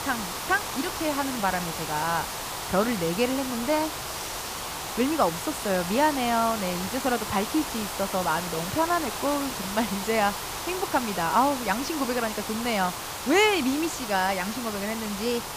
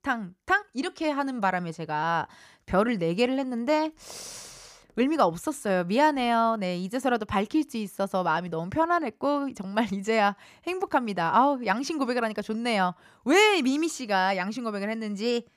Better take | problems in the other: second | hiss; loud; throughout; 5 dB below the speech

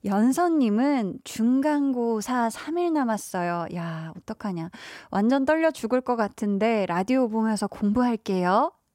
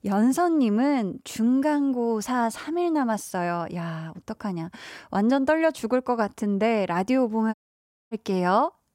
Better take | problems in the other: first | audio cutting out; at 7.5 s for 0.5 s

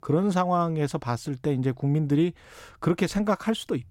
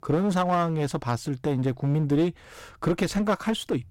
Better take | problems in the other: first | distortion; slight; 9% of the sound clipped

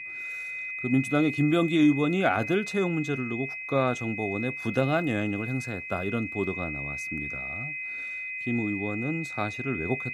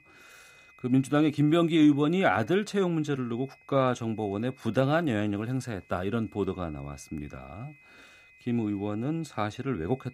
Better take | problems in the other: second | high-pitched whine; loud; throughout; 2.5 kHz, 6 dB below the speech; faint in the second

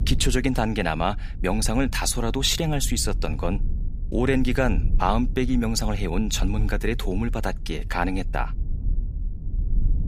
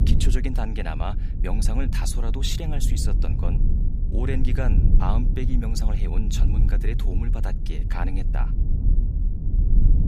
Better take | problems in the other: first | low rumble; loud; throughout; 6 dB below the speech; faint in the first

